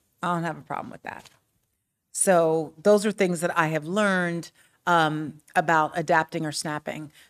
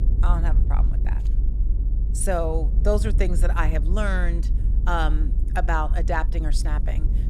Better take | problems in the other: first | low rumble; noticeable; throughout; 15 dB below the speech

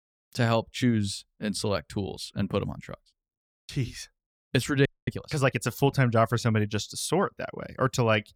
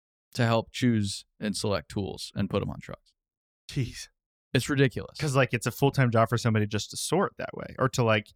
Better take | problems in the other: second | audio freezing; at 5 s

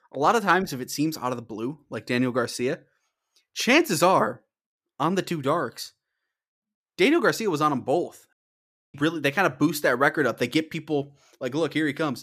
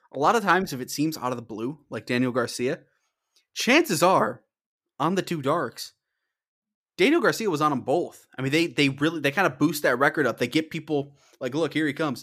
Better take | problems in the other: second | audio cutting out; at 8.5 s for 0.5 s

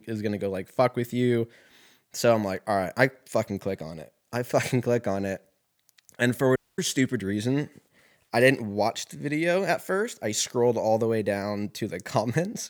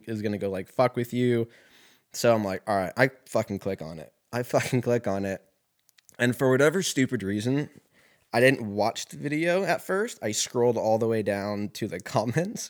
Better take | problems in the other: second | audio cutting out; at 6.5 s

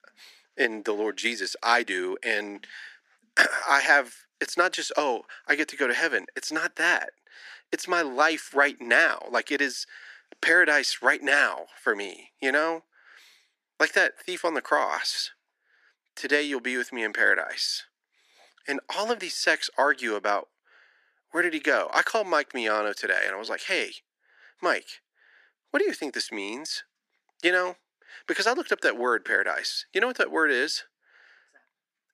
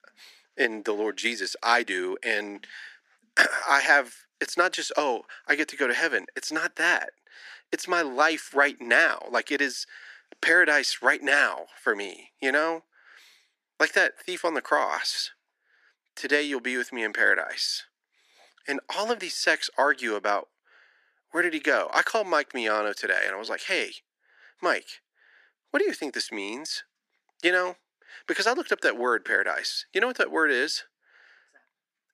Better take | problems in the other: neither | thin; somewhat; fading below 300 Hz; the same in both

